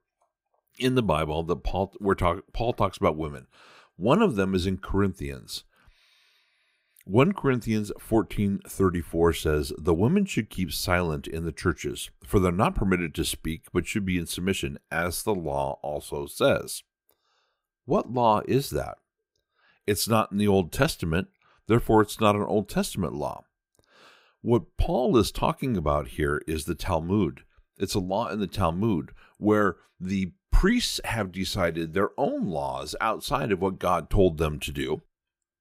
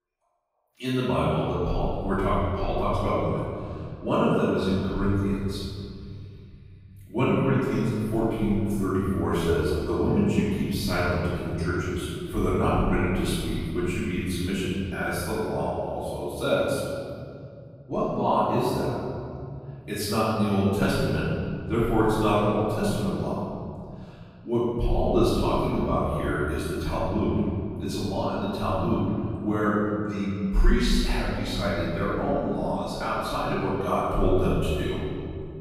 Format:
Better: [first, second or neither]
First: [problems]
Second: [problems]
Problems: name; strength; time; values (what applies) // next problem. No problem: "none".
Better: first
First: none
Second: off-mic speech; far // room echo; strong; dies away in 2.8 s